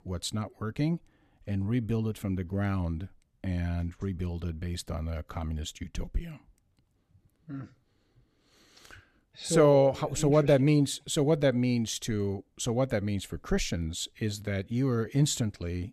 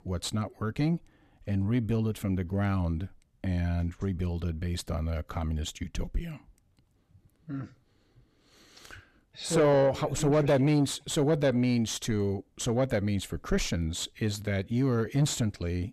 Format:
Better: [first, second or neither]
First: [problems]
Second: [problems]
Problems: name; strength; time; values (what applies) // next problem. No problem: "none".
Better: first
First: none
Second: distortion; slight; 10 dB below the speech